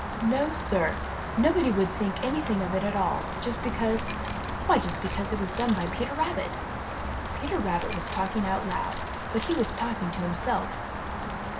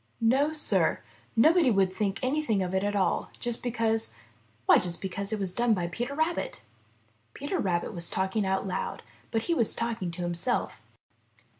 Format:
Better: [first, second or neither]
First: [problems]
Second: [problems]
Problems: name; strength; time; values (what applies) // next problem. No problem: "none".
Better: second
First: background sound (Rain + Keys jangling); 3 dB below the speech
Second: none